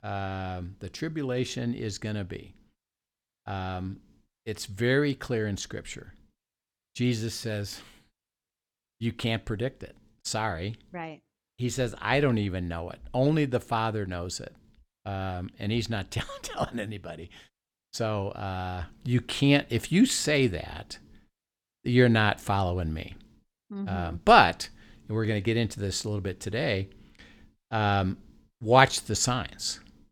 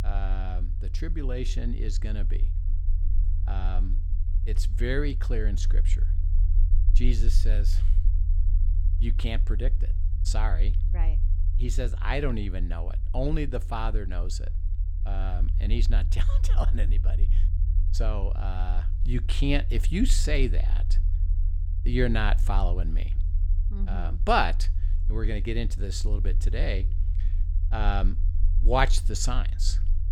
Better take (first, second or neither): first